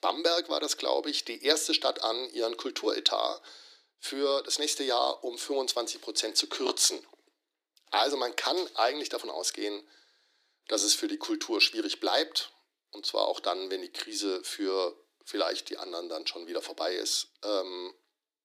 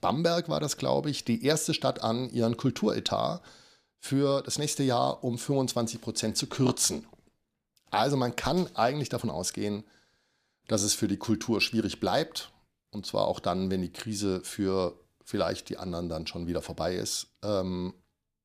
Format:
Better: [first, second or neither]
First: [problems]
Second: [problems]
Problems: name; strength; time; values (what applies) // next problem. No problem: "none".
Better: second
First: thin; somewhat; fading below 300 Hz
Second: none